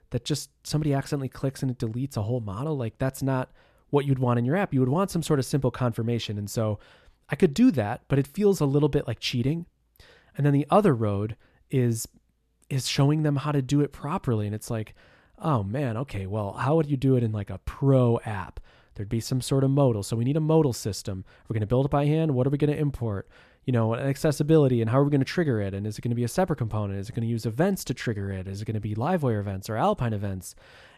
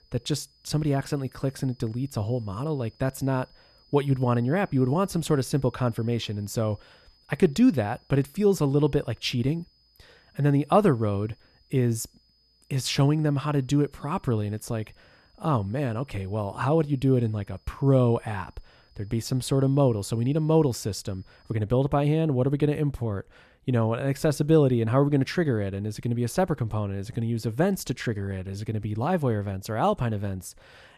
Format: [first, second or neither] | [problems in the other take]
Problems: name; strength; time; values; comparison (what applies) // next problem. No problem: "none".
first | high-pitched whine; faint; until 22 s; 5 kHz, 35 dB below the speech